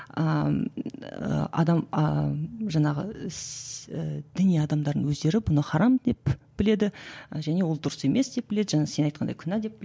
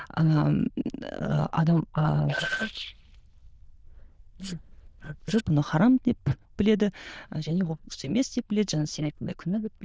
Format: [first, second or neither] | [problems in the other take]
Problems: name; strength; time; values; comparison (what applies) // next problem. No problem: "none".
first | noise reduction (neural diffusion model UNIVERSE++)